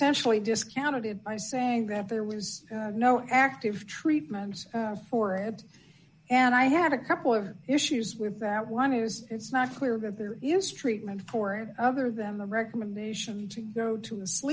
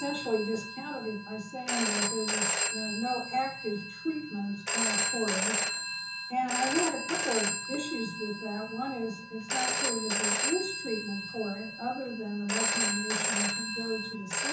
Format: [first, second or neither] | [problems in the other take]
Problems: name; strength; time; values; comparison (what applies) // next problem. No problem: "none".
first | background sound (Telephone); 2 dB above the speech // room echo; dies away in 0.6 s